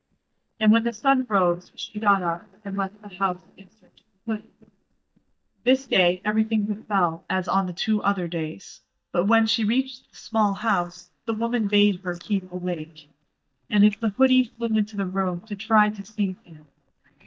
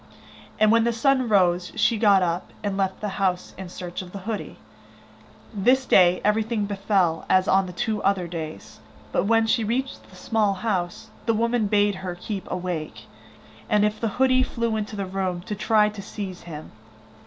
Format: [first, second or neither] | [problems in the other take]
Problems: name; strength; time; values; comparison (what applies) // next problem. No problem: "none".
second | noise reduction (neural mask model DeepFilterNet 3)